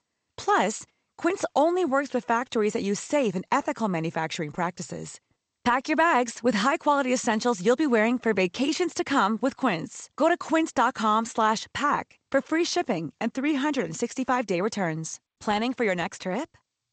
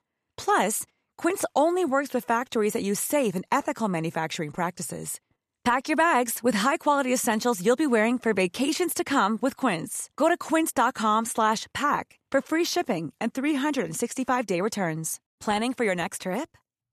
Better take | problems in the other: second | garbled, watery; slightly; nothing above 8 kHz

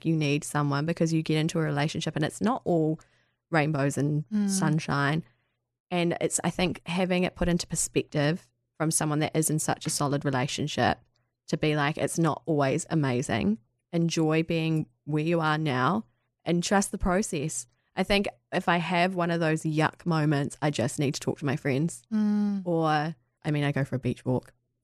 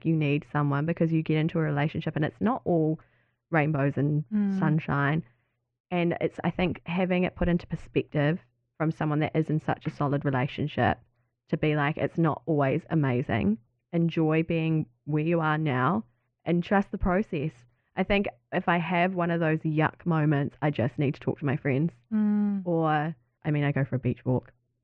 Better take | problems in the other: first | muffled; very; fading above 2.5 kHz

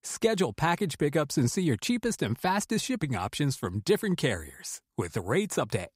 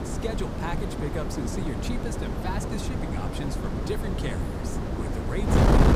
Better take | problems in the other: first | wind noise on the microphone; heavy; 3 dB above the speech

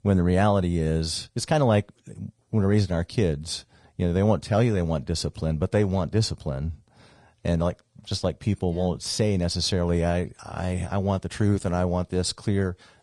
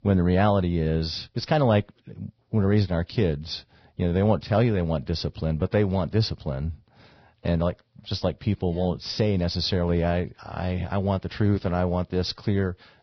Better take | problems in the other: first | garbled, watery; badly; nothing above 5.5 kHz; slightly in the first

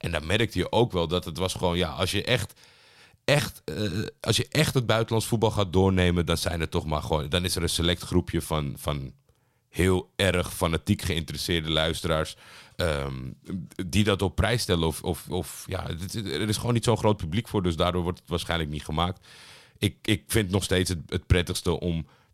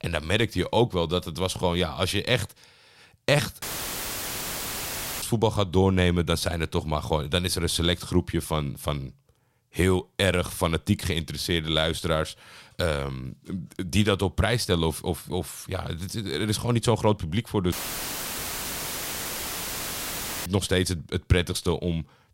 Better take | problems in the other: first | audio cutting out; filled with static; at 3.5 s for 1.5 s and at 18 s for 2.5 s

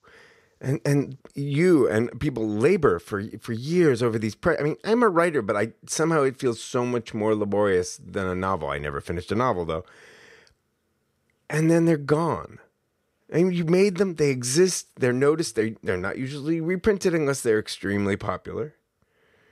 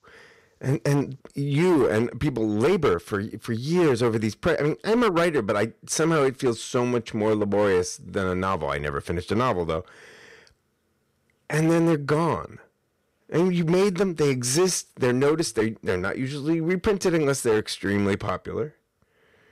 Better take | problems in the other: first | distortion; slight; 8% of the sound clipped

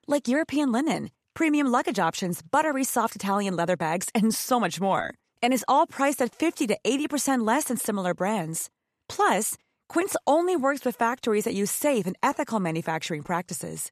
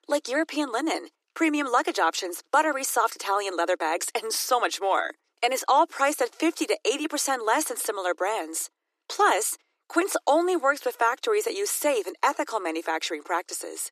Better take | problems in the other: first | thin; somewhat; fading below 300 Hz

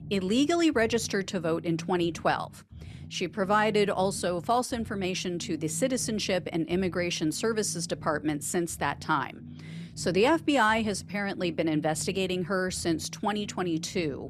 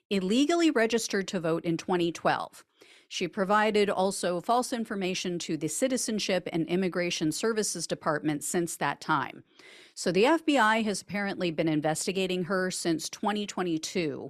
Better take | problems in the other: second | low rumble; faint; throughout; 25 dB below the speech

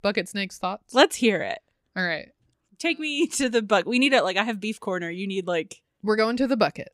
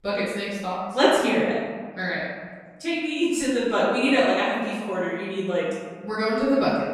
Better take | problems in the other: first | room echo; noticeable; dies away in 1.5 s // off-mic speech; far

